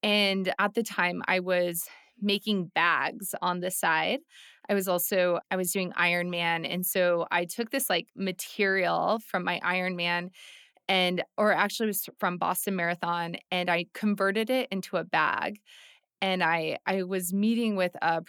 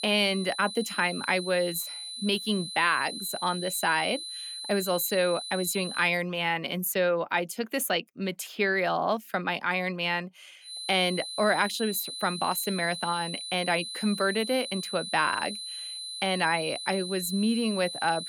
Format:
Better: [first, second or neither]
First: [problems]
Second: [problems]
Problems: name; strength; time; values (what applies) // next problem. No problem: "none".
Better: first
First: none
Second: high-pitched whine; loud; until 6 s and from 11 s on; 4 kHz, 7 dB below the speech